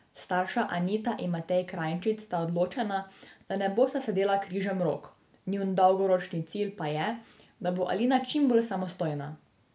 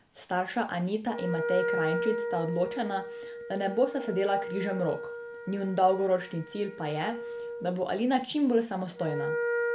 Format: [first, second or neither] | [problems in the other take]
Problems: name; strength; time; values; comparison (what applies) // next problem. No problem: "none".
first | background sound (Wind instrument, woodwind instrument); 5 dB below the speech